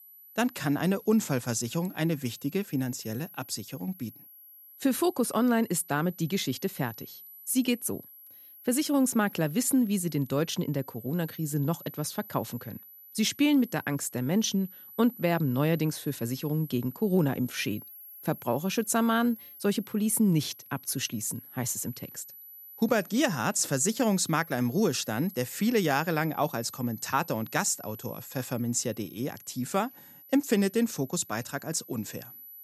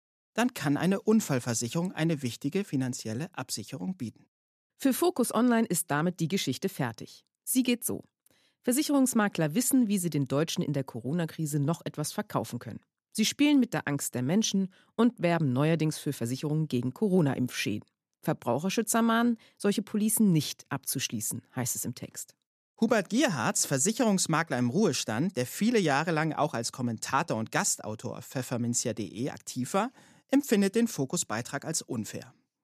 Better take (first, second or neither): second